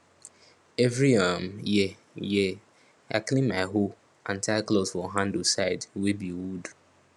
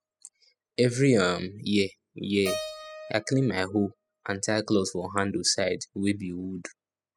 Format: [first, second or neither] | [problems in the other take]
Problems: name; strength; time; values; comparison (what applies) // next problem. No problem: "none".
first | noise reduction (classical method spectral subtraction)